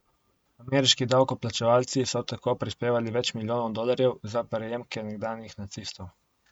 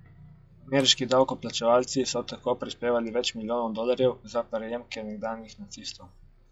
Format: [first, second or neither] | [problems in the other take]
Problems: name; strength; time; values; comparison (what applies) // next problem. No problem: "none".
first | noise reduction (classical method log-MMSE)